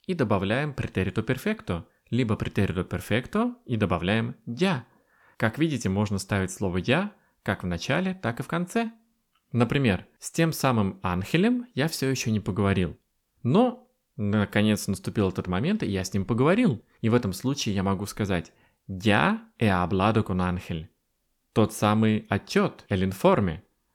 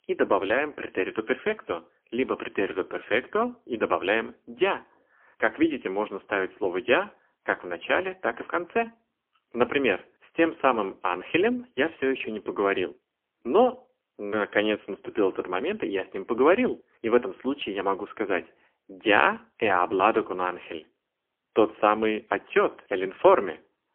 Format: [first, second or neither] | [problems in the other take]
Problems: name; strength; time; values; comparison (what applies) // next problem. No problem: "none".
first | phone-call audio; poor line; nothing above 3 kHz